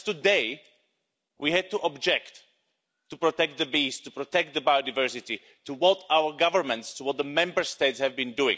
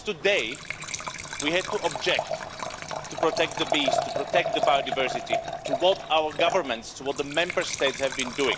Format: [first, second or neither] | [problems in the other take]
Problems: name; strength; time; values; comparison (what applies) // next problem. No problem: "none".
first | background sound (Liquid); 4 dB below the speech